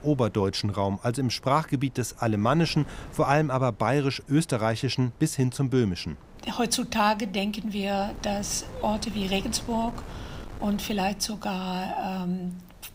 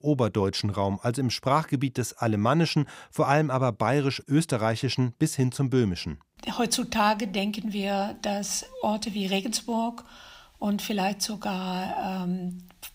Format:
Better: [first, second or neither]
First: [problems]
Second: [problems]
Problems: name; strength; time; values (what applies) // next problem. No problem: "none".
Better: second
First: wind noise on the microphone; occasional gusts; 20 dB below the speech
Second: none